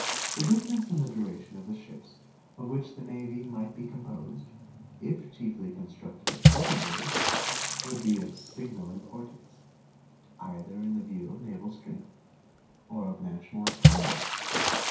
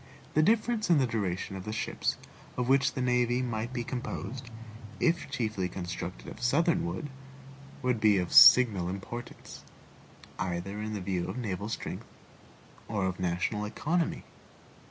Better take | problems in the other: second | background sound (Water / Splash, splatter); 4 dB above the speech // room echo; dies away in 0.6 s

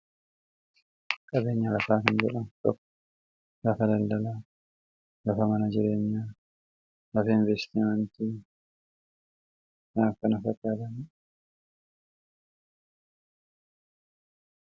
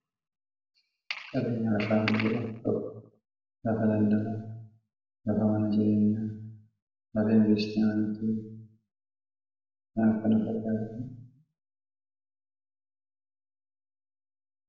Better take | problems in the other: first | room echo; dies away in 0.7 s

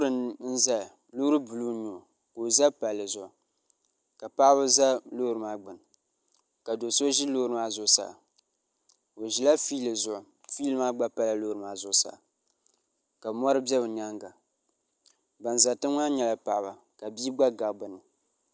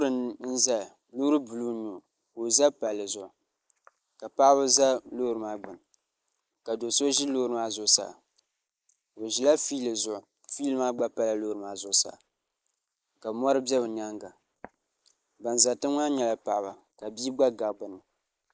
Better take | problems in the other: first | noise reduction (neural mask model Resemble Enhance denoiser)

